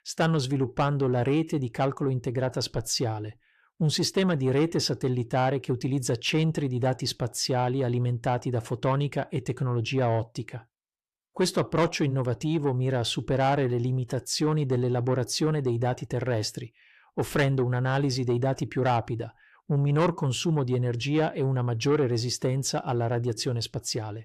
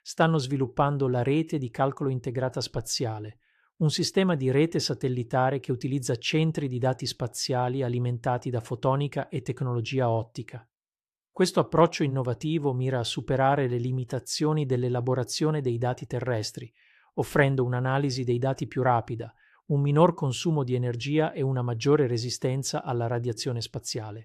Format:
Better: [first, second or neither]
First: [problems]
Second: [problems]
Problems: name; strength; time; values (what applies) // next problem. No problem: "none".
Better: second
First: distortion; slight; 10 dB below the speech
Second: none